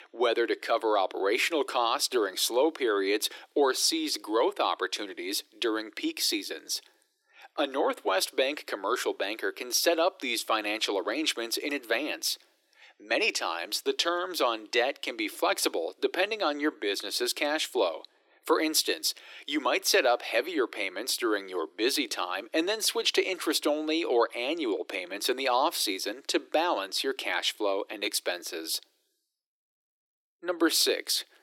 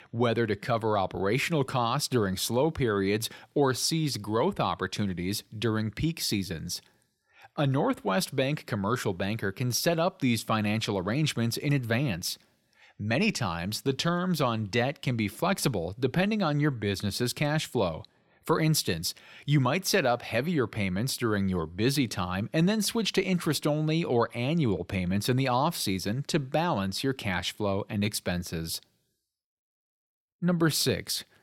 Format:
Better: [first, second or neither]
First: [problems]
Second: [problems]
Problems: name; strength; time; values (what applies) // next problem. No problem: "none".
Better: second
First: thin; very; fading below 300 Hz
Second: none